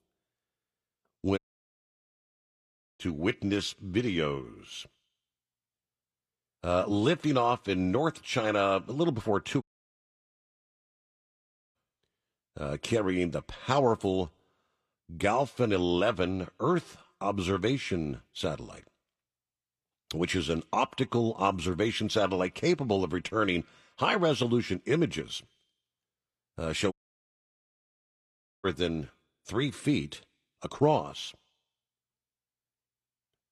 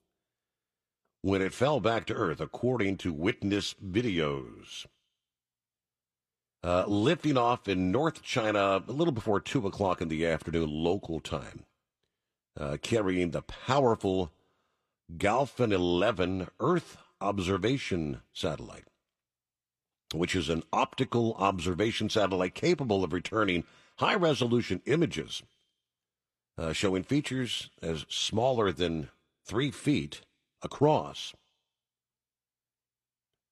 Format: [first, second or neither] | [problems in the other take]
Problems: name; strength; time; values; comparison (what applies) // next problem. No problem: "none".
second | audio cutting out; at 1.5 s for 1.5 s, at 9.5 s for 2 s and at 27 s for 1.5 s